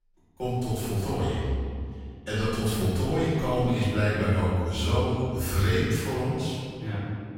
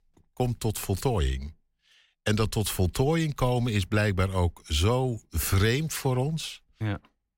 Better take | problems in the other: second | room echo; strong; dies away in 2 s // off-mic speech; far

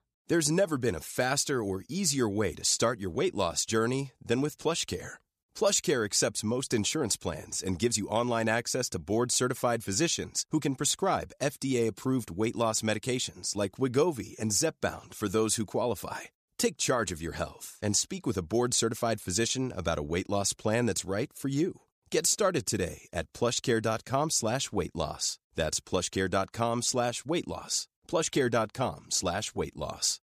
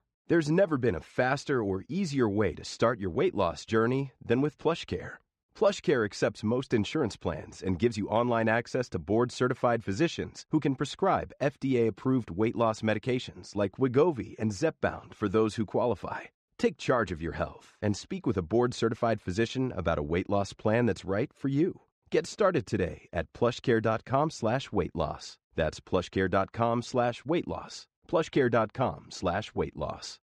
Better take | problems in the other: first | muffled; very; fading above 2.5 kHz

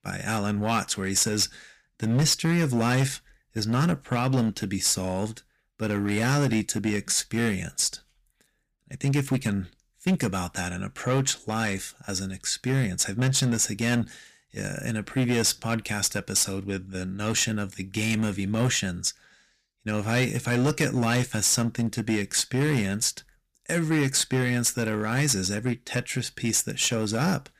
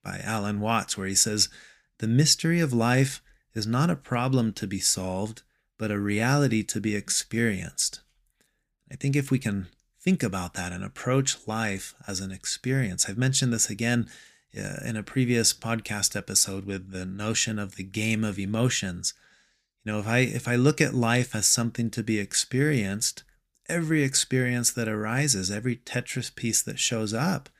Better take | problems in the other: second | distortion; slight; 6% of the sound clipped

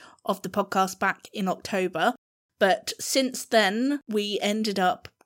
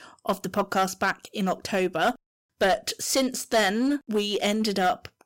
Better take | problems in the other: first | distortion; slight; 6% of the sound clipped

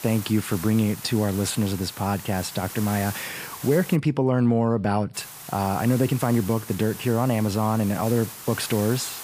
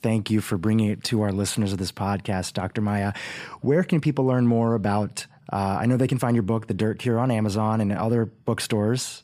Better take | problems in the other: second | hiss; noticeable; until 4 s and from 5 s on; 10 dB below the speech

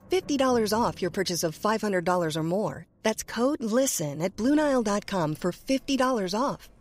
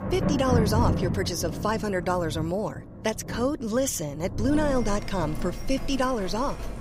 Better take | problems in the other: first | rain or running water; loud; throughout; 4 dB below the speech; faint in the first

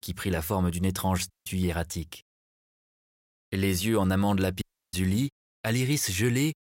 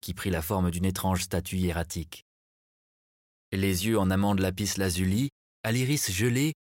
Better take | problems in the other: second | audio cutting out; at 1.5 s and at 4.5 s

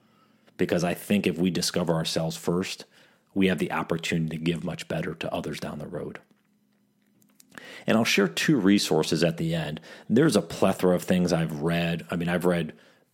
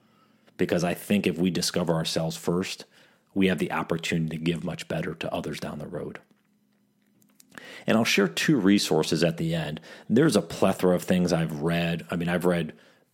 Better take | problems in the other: neither | none

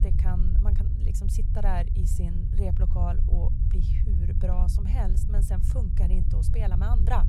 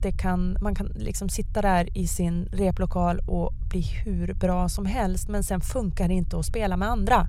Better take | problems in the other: second | low rumble; loud; throughout; 4 dB below the speech; faint in the second

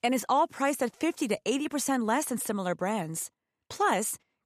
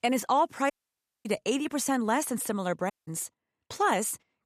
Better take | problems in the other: first | audio cutting out; at 0.5 s for 0.5 s and at 3 s

